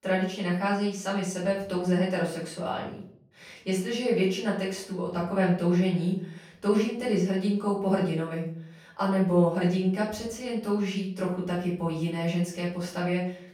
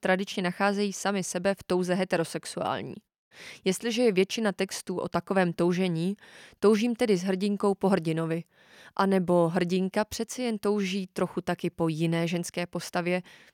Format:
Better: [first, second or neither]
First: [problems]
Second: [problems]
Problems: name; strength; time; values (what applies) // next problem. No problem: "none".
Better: second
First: off-mic speech; far // room echo; noticeable; dies away in 0.5 s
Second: none